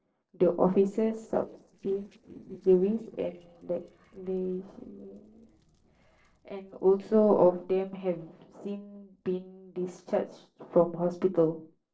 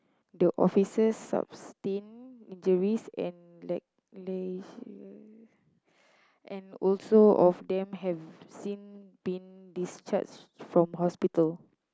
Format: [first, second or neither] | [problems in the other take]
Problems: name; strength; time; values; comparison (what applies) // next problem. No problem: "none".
second | noise reduction (neural separator model SepFormer DNS4)